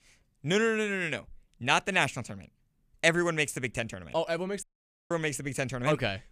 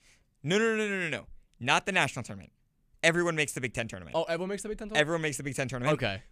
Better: second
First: audio cutting out; at 4.5 s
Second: none

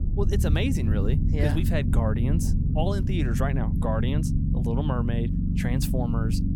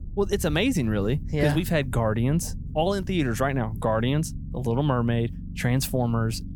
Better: second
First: low rumble; loud; throughout; 4 dB below the speech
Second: low rumble; faint; throughout; 20 dB below the speech

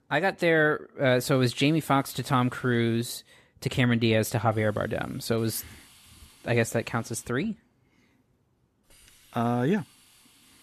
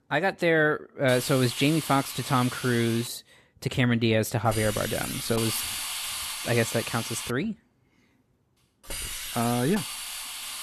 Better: first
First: hiss; faint; from 1 to 3 s, from 4.5 to 7.5 s and from 8.5 s on; 30 dB below the speech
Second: hiss; loud; from 1 to 3 s, from 4.5 to 7.5 s and from 8.5 s on; 7 dB below the speech

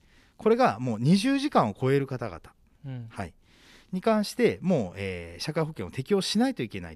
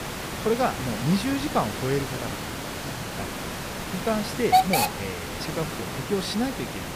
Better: first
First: none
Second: hiss; loud; throughout; 1 dB below the speech

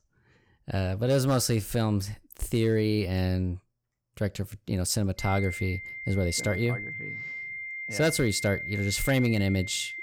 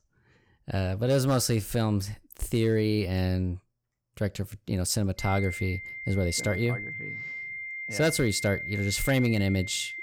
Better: neither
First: high-pitched whine; loud; from 5 s on; 2 kHz, 7 dB below the speech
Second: high-pitched whine; loud; from 5 s on; 2 kHz, 7 dB below the speech

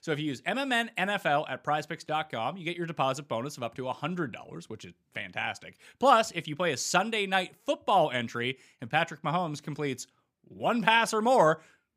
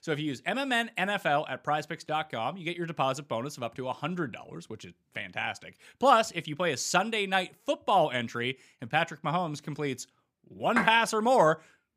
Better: first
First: none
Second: clattering dishes; noticeable; at 11 s; peak 2 dB below the speech

